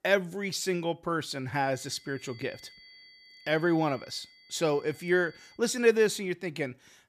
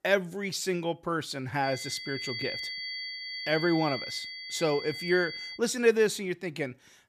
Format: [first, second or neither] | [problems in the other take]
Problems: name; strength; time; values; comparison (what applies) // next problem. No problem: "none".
first | high-pitched whine; loud; from 1.5 to 5.5 s; 2 kHz, 6 dB below the speech; faint in the first